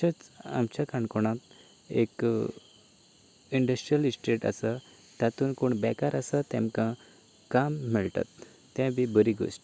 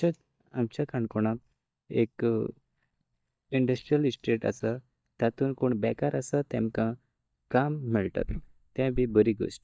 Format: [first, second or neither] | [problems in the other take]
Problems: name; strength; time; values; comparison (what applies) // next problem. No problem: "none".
first | noise reduction (neural mask model DeepFilterNet 3)